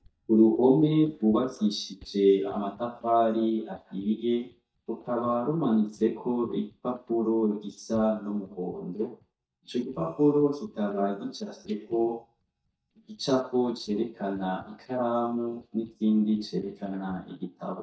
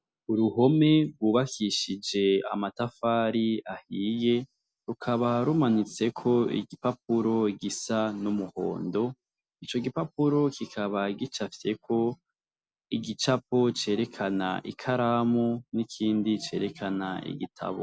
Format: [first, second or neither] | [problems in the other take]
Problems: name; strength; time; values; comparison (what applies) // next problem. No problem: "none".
second | noise reduction (neural mask model DeepFilterNet 3)